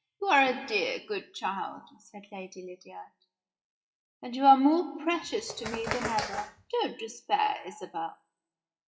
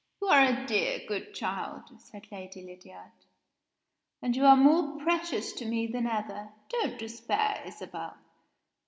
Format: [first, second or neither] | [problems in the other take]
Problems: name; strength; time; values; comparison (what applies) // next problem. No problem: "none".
second | noise reduction (classical method WPE with log-MMSE)